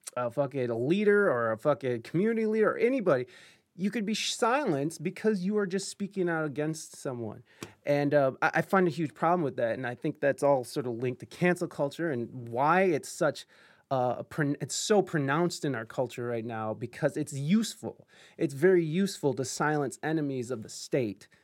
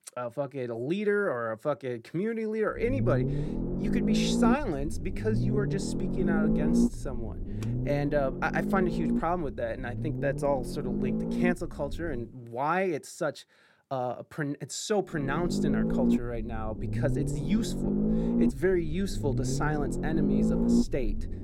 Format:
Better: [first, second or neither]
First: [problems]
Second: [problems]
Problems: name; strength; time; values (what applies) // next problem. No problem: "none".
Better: first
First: none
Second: low rumble; loud; from 3 to 12 s and from 15 s on; 3 dB below the speech